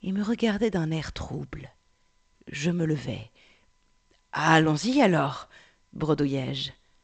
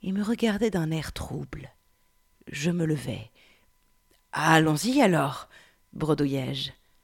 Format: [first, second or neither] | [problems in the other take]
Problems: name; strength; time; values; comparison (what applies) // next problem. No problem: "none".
second | garbled, watery; slightly; nothing above 8 kHz